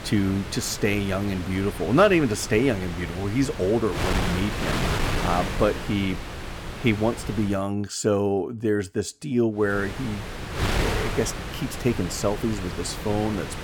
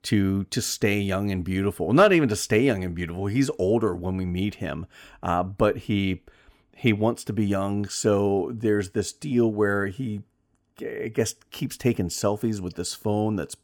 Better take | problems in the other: second | wind noise on the microphone; heavy; until 7.5 s and from 9.5 s on; 5 dB below the speech

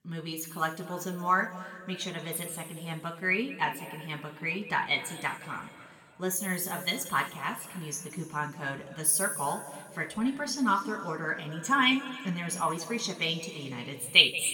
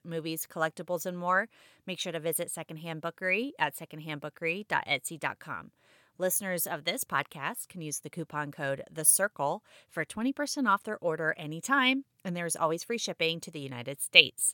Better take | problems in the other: second | room echo; noticeable; dies away in 2 s // off-mic speech; somewhat distant

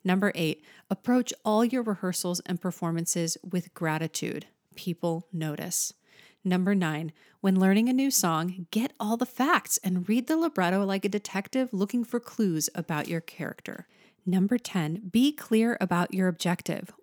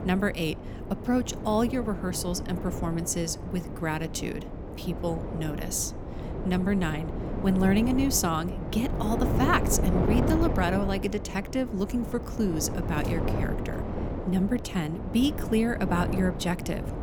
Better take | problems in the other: first | wind noise on the microphone; heavy; 6 dB below the speech

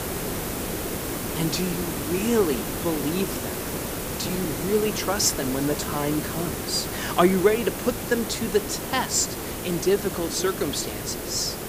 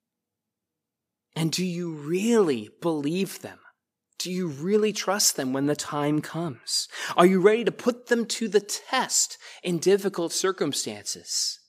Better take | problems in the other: second | hiss; loud; throughout; 4 dB below the speech

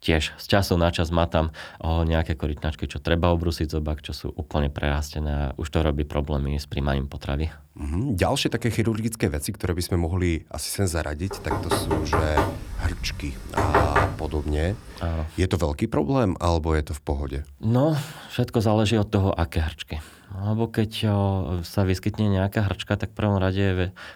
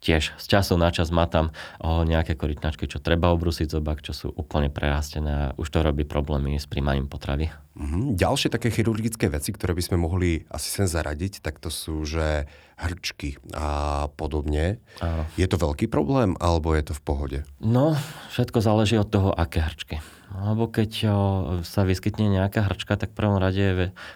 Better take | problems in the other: second | door banging; loud; from 11 to 14 s; peak 5 dB above the speech

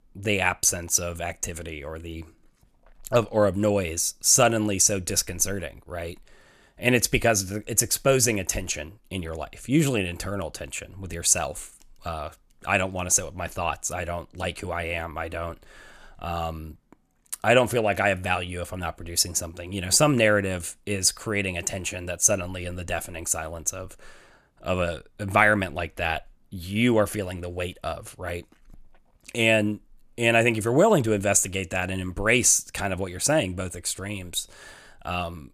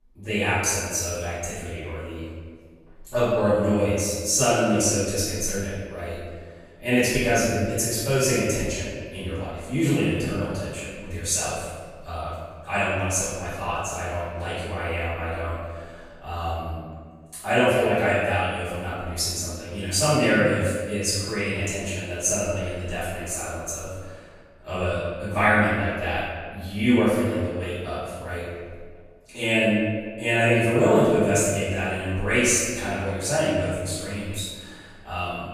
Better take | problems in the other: first | off-mic speech; far // room echo; strong; dies away in 1.5 s

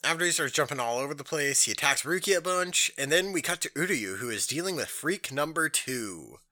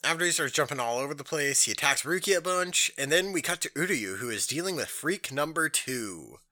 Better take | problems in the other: neither | none

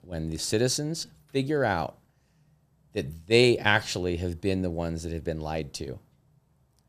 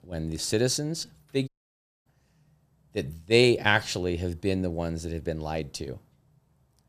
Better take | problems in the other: first | audio cutting out; at 1.5 s for 0.5 s

